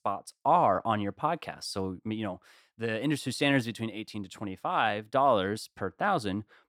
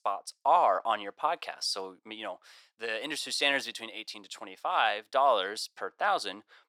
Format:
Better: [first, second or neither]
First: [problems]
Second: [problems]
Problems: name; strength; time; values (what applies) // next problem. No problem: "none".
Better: first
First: none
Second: thin; very; fading below 650 Hz